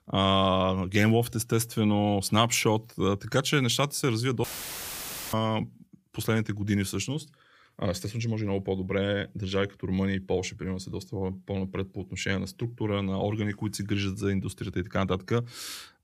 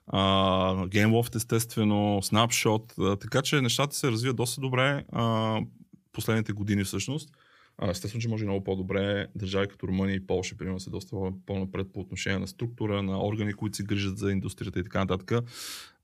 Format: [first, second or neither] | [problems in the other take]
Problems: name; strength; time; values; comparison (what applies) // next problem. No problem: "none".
second | audio cutting out; filled with static; at 4.5 s for 1 s